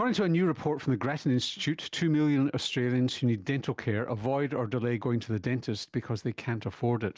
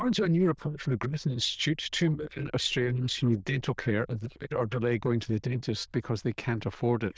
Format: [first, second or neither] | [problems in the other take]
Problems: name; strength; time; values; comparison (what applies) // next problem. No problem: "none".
first | noise reduction (neural diffusion model UNIVERSE++)